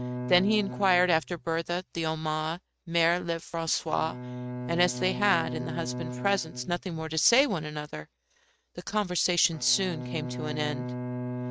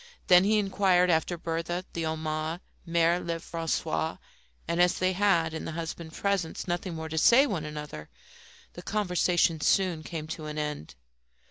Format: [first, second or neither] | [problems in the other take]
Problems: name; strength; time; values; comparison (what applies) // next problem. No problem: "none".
second | noise reduction (neural mask model RNNoise)